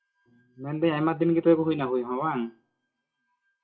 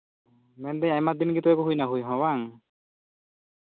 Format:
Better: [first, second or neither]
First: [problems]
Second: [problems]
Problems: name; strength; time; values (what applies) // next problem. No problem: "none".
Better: second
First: noise reduction (classical method WPE with log-MMSE)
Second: none